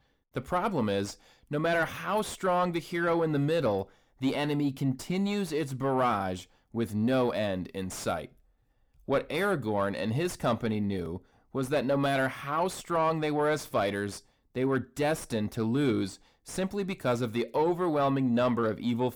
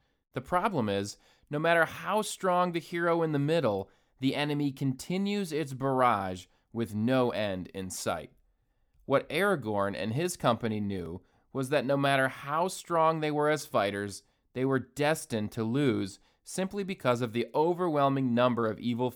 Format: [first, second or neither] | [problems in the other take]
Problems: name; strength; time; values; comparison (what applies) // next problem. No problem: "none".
second | distortion; slight; 10 dB below the speech